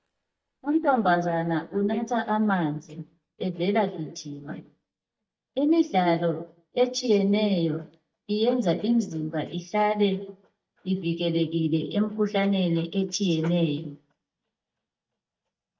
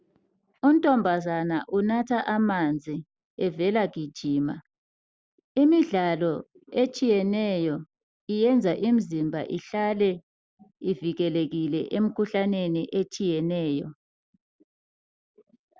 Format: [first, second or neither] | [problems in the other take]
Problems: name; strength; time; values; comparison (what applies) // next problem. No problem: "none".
second | noise reduction (neural mask model DeepFilterNet 3)